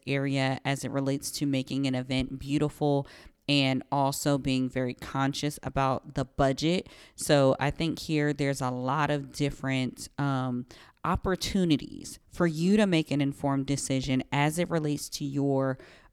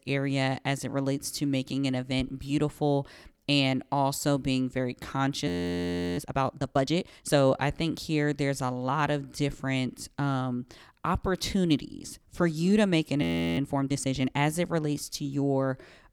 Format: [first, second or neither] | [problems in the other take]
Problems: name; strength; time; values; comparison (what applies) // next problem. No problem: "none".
first | audio freezing; at 5.5 s for 0.5 s and at 13 s